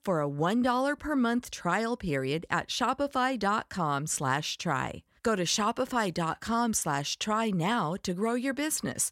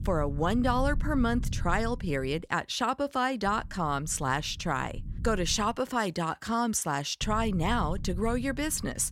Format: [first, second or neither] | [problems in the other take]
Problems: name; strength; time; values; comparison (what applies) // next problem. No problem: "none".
first | low rumble; faint; until 2.5 s, from 3.5 to 6 s and from 7 s on; 20 dB below the speech